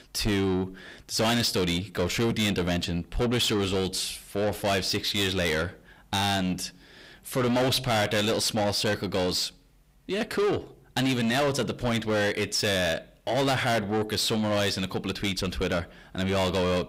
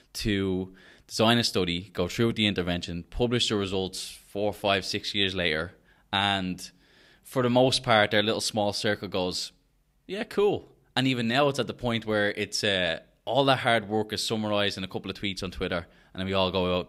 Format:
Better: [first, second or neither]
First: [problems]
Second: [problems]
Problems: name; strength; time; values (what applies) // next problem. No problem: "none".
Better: second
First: distortion; heavy; 6 dB below the speech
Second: none